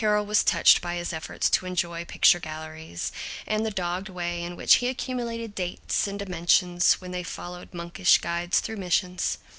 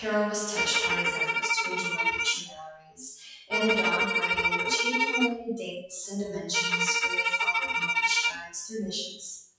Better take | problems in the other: first | noise reduction (classical method WPE with log-MMSE)

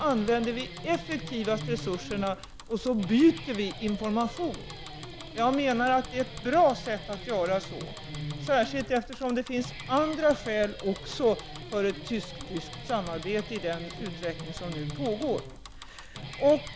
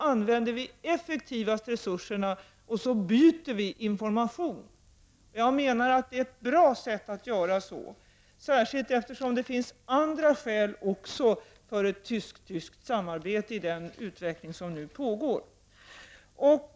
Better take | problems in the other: second | background sound (Guitar + Bicycle); 11 dB below the speech

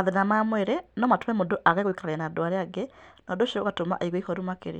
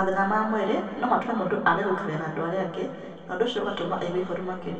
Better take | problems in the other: first | room echo; dies away in 2.2 s

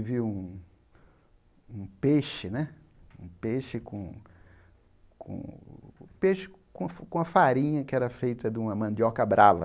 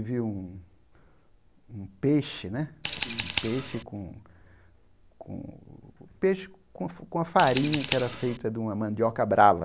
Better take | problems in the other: first | background sound (Scissors); 12 dB below the speech

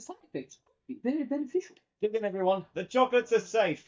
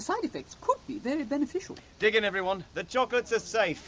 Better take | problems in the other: second | noise reduction (neural mask model DeepFilterNet 3)

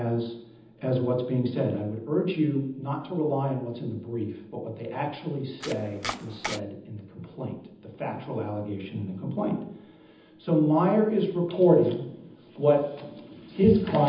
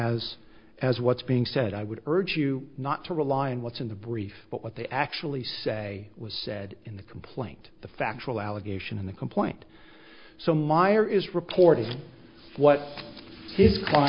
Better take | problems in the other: second | background sound (Domestic sounds, home sounds); 9 dB below the speech // room echo; dies away in 0.8 s

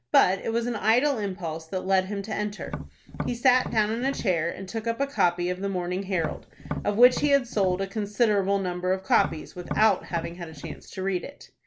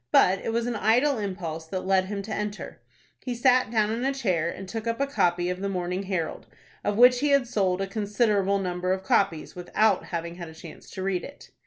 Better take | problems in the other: second | background sound (Tap); 10 dB below the speech

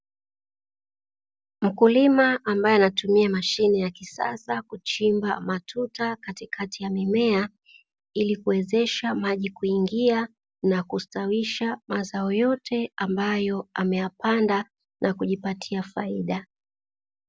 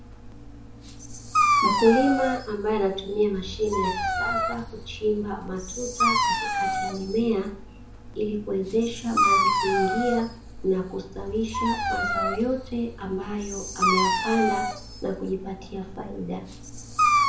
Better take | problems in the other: first | background sound (Dog); 1 dB above the speech // room echo; dies away in 0.6 s

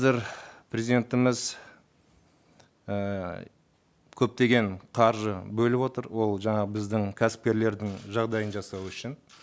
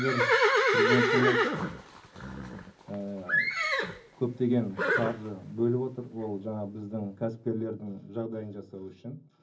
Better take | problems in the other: first | background sound (Livestock, farm animals, working animals); 3 dB above the speech // room echo; dies away in 0.4 s

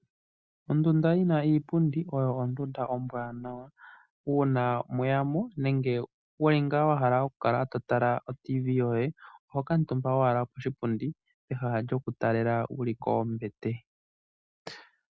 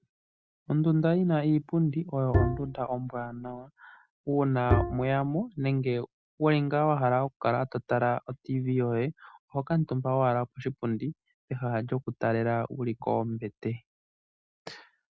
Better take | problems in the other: first | background sound (Bowed string instrument); 1 dB above the speech

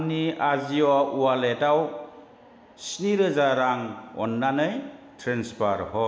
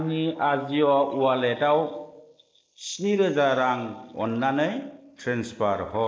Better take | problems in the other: first | noise reduction (neural mask model Resemble Enhance denoiser)

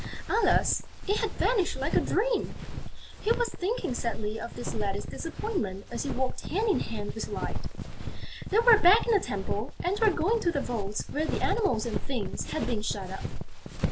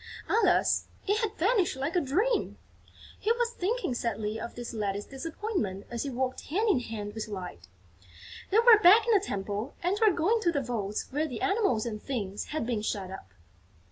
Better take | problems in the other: second | background sound (Walk, footsteps); 2 dB below the speech

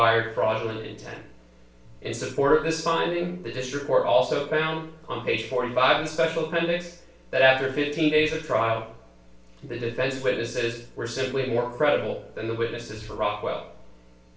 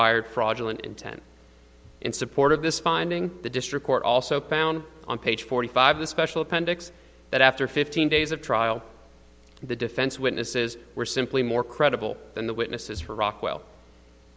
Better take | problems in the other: second | room echo; dies away in 0.4 s

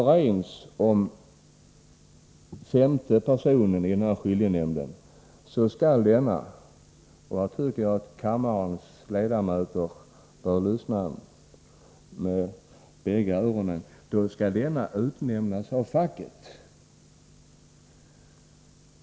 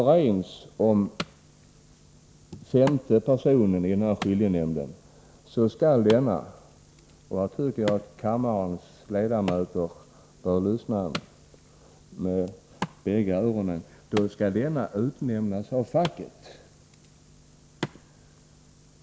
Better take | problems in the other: first | background sound (Wood); 16 dB below the speech

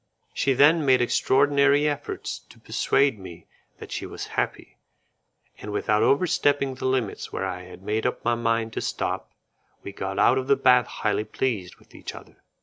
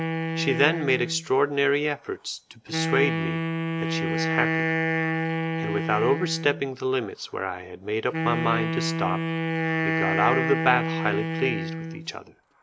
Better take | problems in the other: first | background sound (Wind instrument, woodwind instrument); 1 dB below the speech

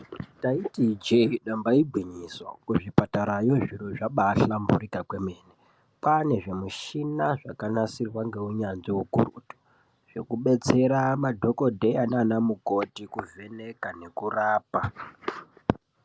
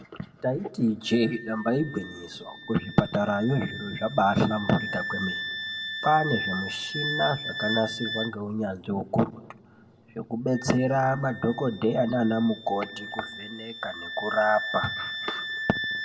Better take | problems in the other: first | background sound (Wind instrument, woodwind instrument); 8 dB below the speech // room echo; dies away in 0.9 s

